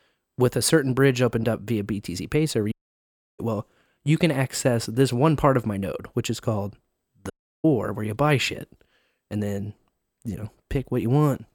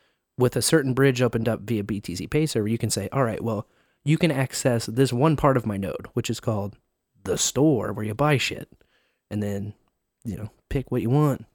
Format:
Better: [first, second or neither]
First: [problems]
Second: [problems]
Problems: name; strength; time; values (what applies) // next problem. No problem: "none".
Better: second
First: audio cutting out; at 2.5 s for 0.5 s and at 7.5 s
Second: none